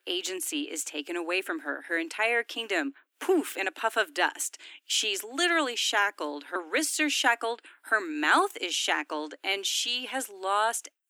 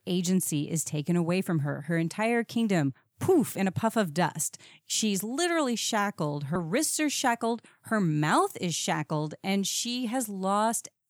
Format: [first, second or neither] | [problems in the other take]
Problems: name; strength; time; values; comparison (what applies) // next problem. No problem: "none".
second | thin; somewhat; fading below 300 Hz